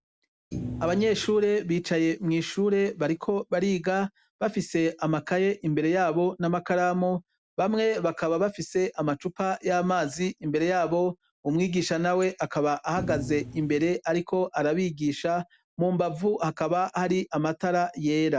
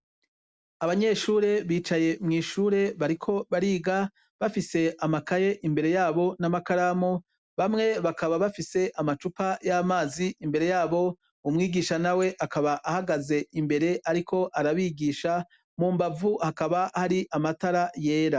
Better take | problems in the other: second | background sound (Thump, thud); 10 dB below the speech

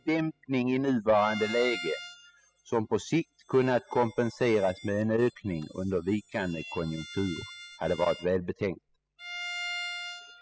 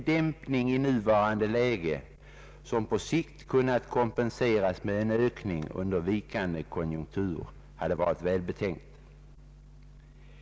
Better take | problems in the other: second | noise reduction (classical method spectral subtraction)

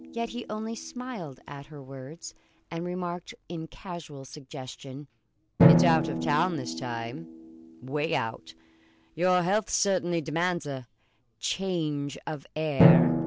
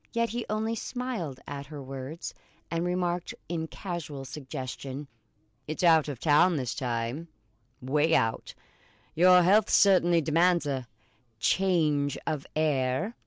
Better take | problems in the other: second | background sound (Drum); 1 dB above the speech

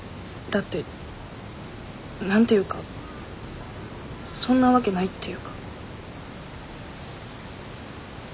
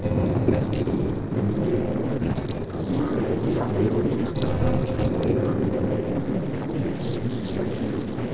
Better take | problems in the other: first | noise reduction (neural separator model SepFormer DNS4)

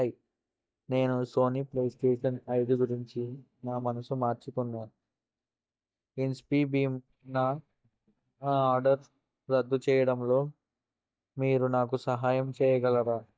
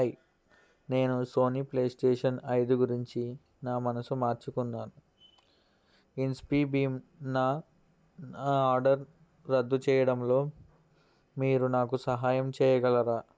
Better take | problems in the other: second | noise reduction (neural mask model DeepFilterNet 3)

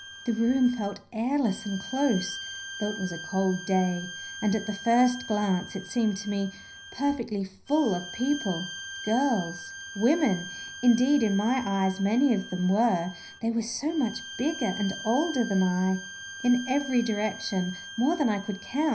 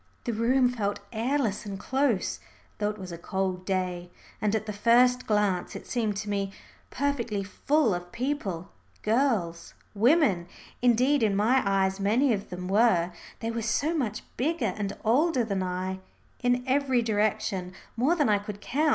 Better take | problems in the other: second | background sound (Bowed string instrument); 14 dB below the speech // room echo; dies away in 0.4 s

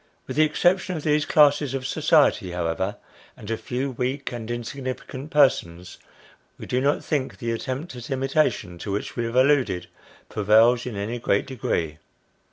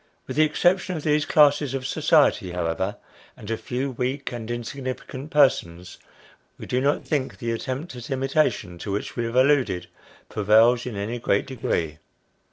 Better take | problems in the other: first | noise reduction (neural separator model SepFormer DNS4)

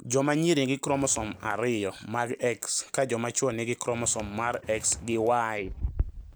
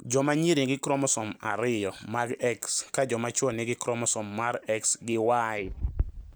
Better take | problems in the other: second | background sound (Walk, footsteps); 17 dB below the speech

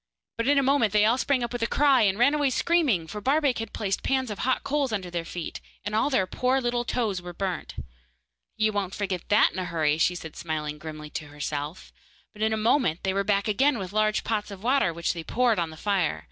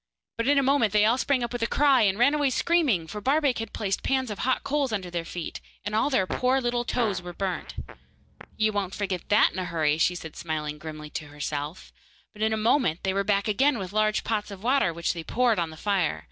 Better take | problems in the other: first | background sound (Fart); 14 dB below the speech

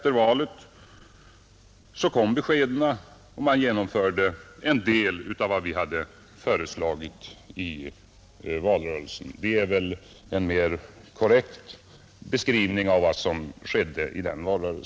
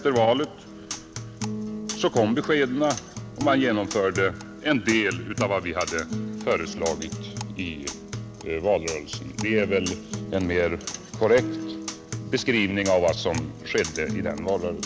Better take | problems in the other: first | background sound (Acoustic guitar); 8 dB below the speech

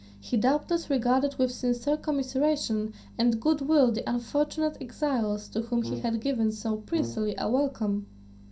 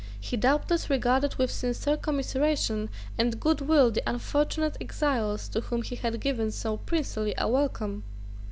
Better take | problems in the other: second | background sound (Brass instrument); 12 dB below the speech // room echo; dies away in 0.3 s

